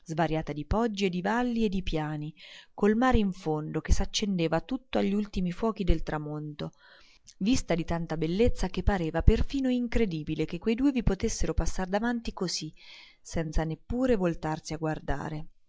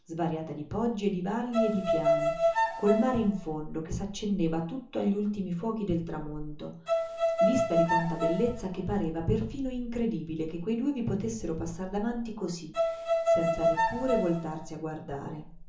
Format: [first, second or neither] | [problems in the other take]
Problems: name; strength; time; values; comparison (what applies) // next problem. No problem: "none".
first | background sound (Bowed string instrument); 3 dB above the speech // room echo; dies away in 0.8 s